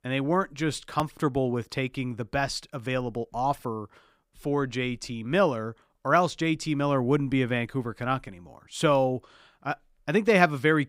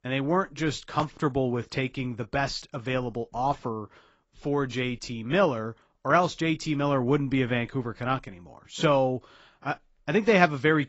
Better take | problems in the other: first | garbled, watery; badly; nothing above 7.5 kHz

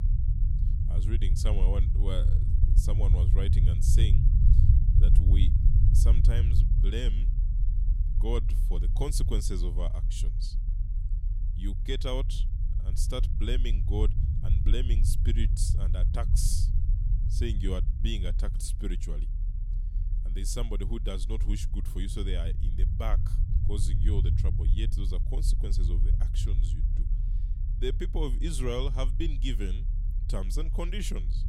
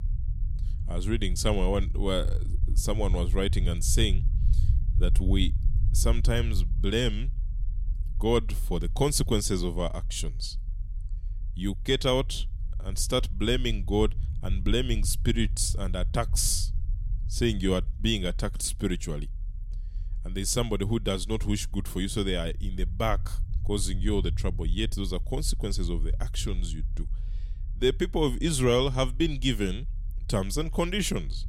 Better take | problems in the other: second | low rumble; loud; throughout; 7 dB below the speech; faint in the second

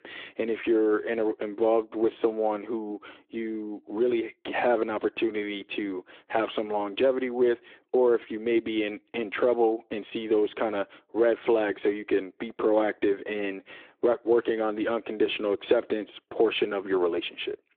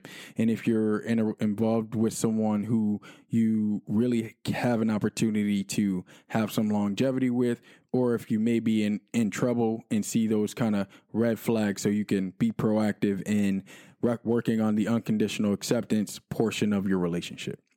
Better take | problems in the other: second | phone-call audio; nothing above 3.5 kHz

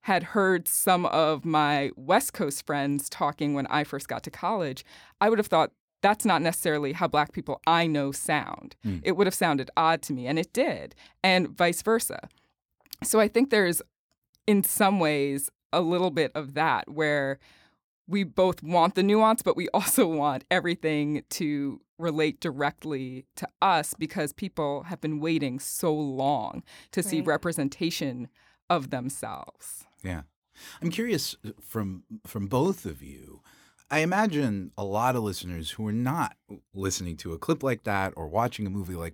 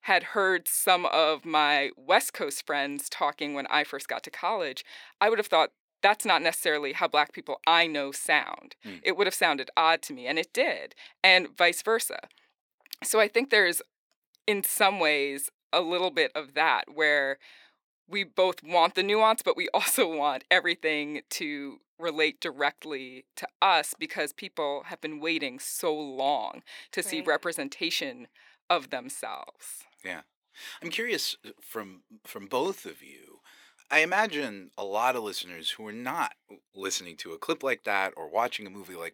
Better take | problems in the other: first | thin; somewhat; fading below 450 Hz

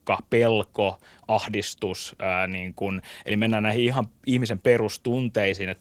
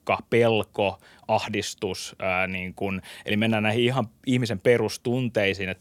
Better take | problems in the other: second | garbled, watery; slightly; nothing above 19 kHz

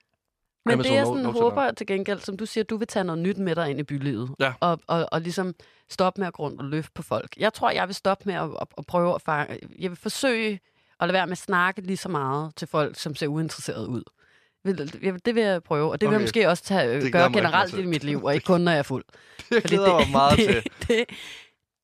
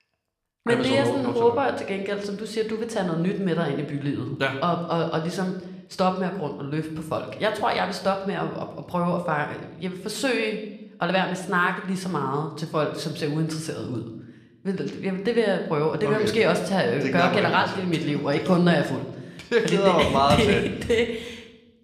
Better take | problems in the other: first | room echo; slight; dies away in 0.8 s

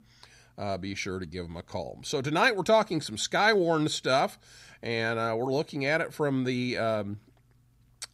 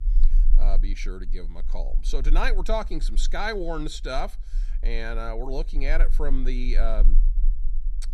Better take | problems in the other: first | low rumble; faint; throughout; 25 dB below the speech

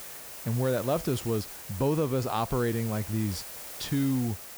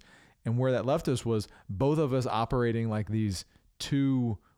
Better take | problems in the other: second | hiss; loud; throughout; 10 dB below the speech

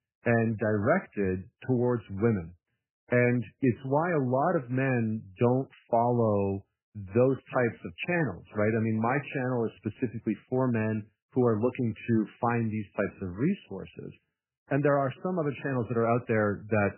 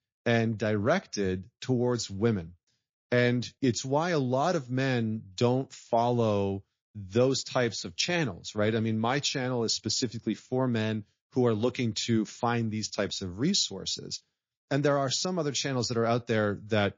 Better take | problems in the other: second | garbled, watery; badly; nothing above 2.5 kHz; slightly in the second

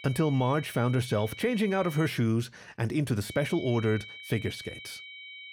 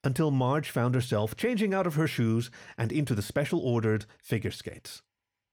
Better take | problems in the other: second | high-pitched whine; noticeable; until 2 s and from 3.5 s on; 2.5 kHz, 15 dB below the speech

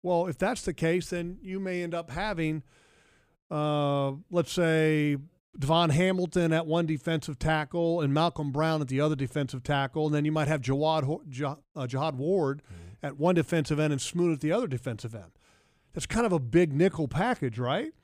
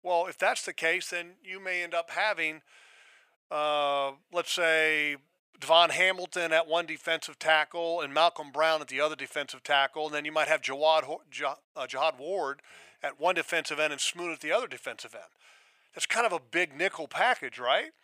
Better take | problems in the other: first | thin; very; fading below 800 Hz

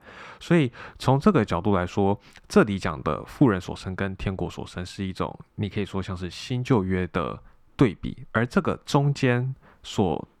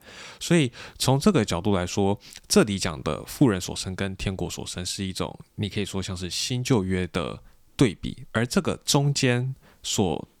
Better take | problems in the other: second | muffled; slightly; fading above 3.5 kHz

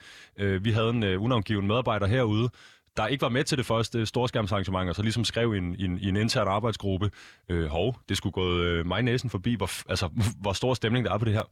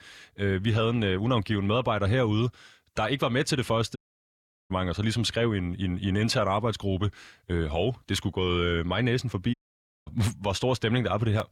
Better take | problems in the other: first | audio cutting out; at 4 s for 0.5 s and at 9.5 s for 0.5 s

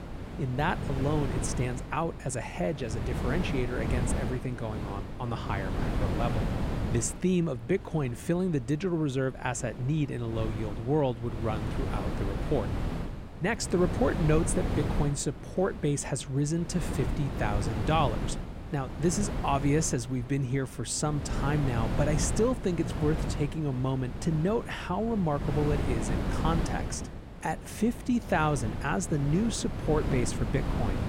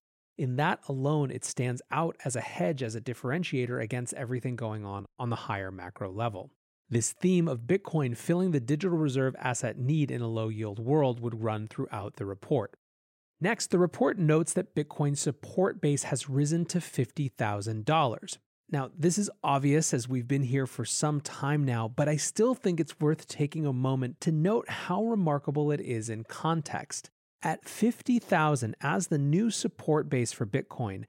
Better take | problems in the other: second | wind noise on the microphone; heavy; 7 dB below the speech

